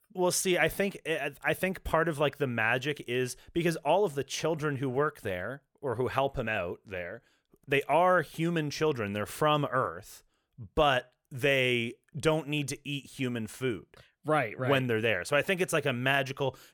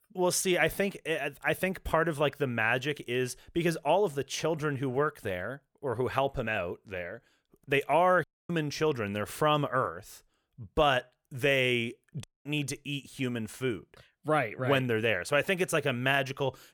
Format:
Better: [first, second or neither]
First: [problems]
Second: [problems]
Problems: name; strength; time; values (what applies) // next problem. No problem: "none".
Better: first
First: none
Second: audio cutting out; at 8 s and at 12 s